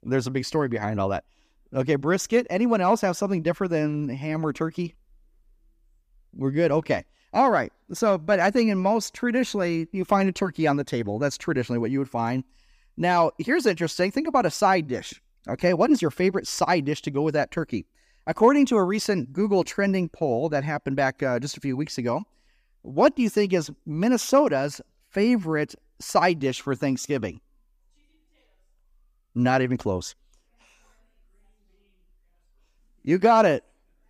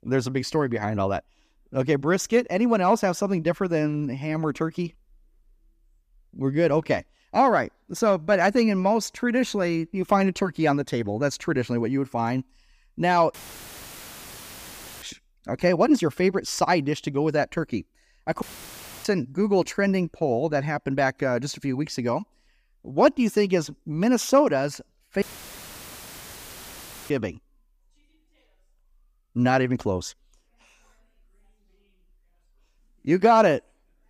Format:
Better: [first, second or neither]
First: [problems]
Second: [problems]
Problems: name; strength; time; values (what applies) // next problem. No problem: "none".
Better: first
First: none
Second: audio cutting out; filled with static; at 13 s for 1.5 s, at 18 s for 0.5 s and at 25 s for 2 s